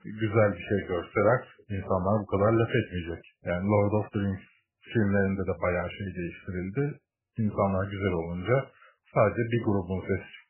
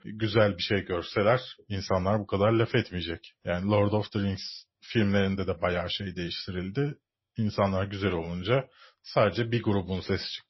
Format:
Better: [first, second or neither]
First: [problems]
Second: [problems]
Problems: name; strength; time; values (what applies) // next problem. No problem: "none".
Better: second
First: garbled, watery; badly; nothing above 3 kHz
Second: garbled, watery; slightly; nothing above 5.5 kHz